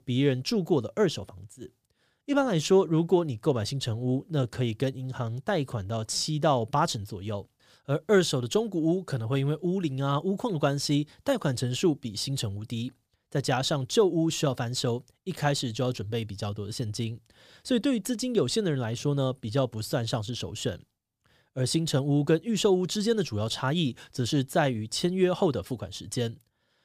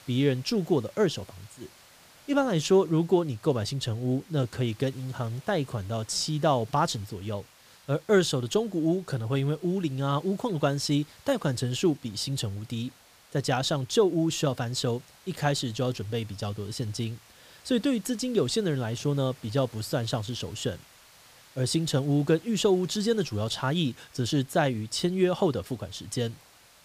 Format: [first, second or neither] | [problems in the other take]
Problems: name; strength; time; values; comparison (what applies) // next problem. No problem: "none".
first | hiss; faint; throughout; 25 dB below the speech